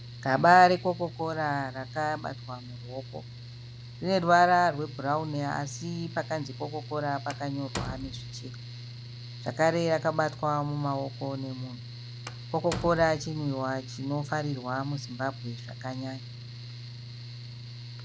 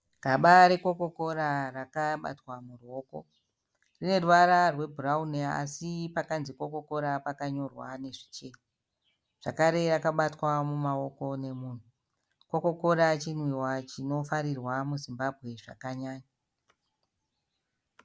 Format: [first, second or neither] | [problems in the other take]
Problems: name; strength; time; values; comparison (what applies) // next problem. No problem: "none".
second | background sound (Mechanical fan + Slam); 11 dB below the speech